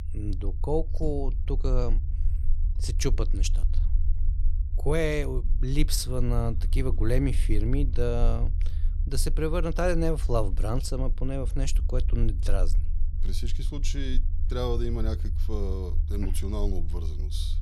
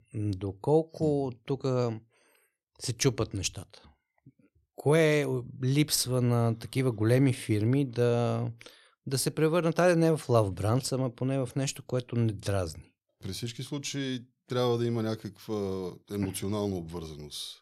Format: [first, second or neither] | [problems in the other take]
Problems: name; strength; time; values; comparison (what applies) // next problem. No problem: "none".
second | low rumble; noticeable; throughout; 20 dB below the speech